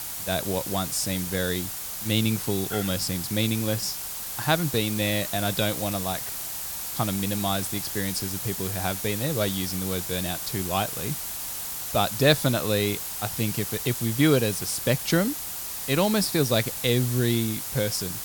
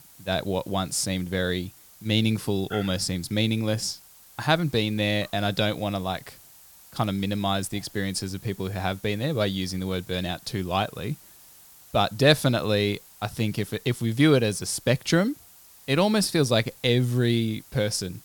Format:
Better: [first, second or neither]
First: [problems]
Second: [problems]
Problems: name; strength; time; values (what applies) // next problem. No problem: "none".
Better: second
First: hiss; loud; throughout; 4 dB below the speech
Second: hiss; faint; throughout; 25 dB below the speech